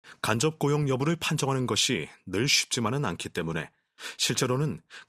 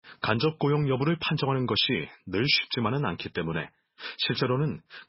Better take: first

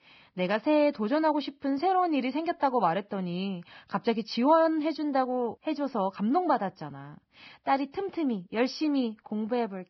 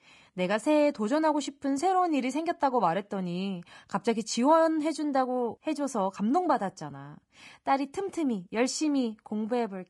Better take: second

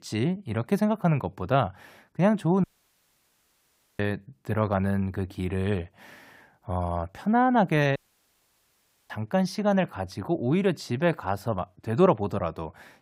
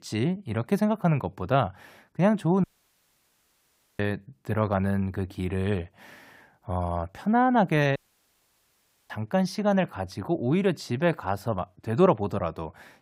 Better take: neither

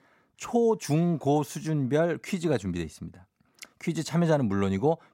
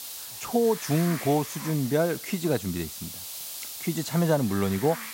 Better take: first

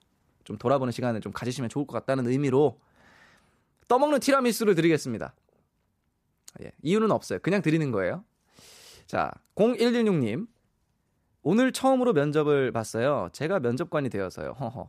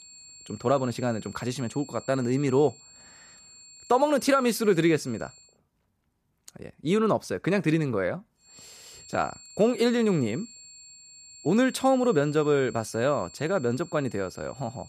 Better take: first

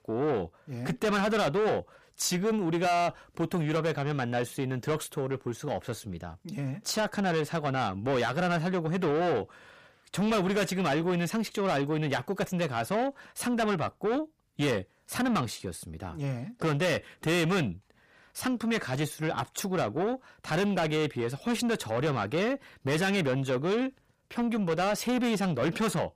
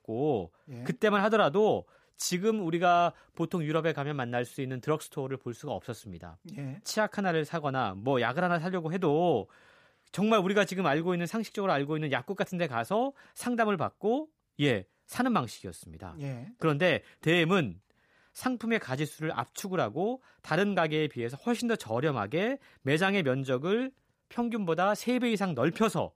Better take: second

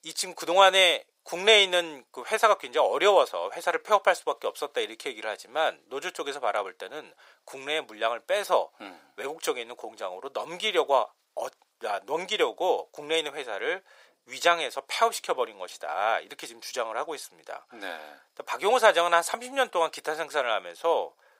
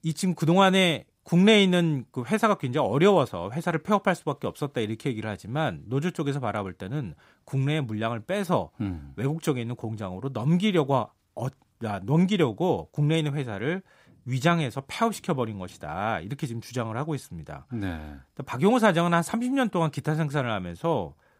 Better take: second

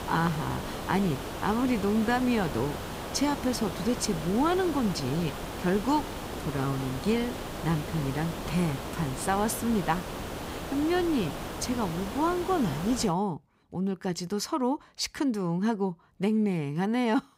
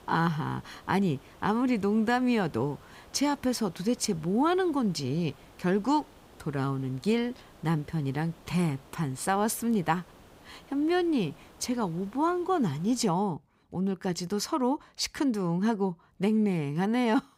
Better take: second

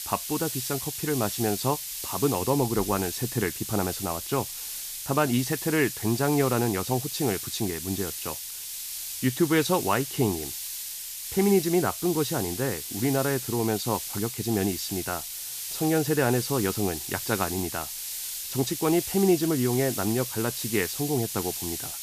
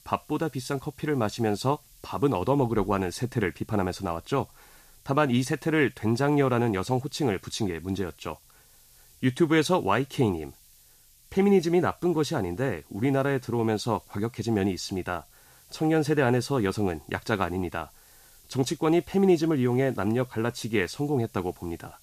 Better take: second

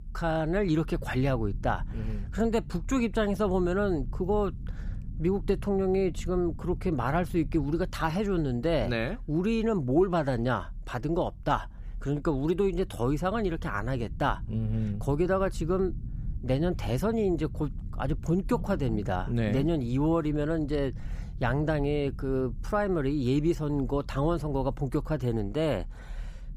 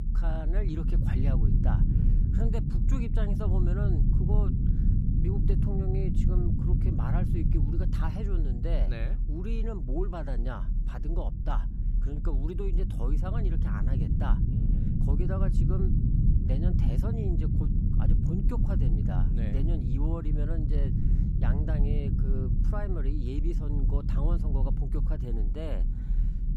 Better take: first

